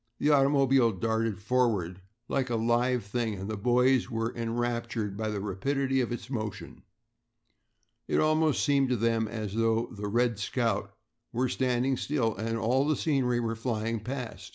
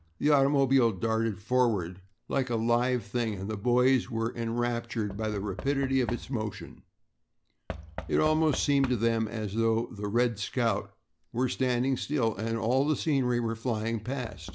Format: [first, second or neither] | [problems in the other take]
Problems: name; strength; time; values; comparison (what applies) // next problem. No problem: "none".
first | background sound (Knock / Wood); 18 dB below the speech